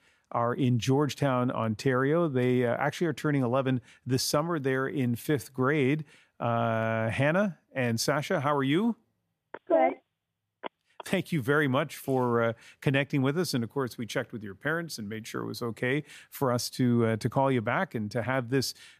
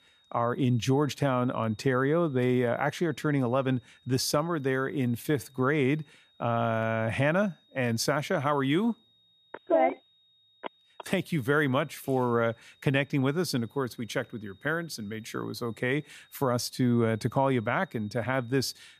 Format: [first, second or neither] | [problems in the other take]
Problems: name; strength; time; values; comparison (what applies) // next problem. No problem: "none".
first | high-pitched whine; faint; throughout; 3.5 kHz, 35 dB below the speech